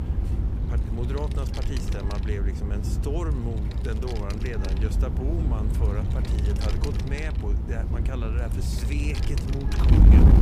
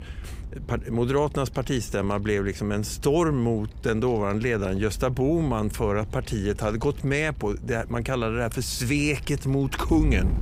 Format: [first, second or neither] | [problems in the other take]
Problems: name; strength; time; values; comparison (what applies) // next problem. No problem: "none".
second | wind noise on the microphone; heavy; as loud as the speech; occasional gusts in the second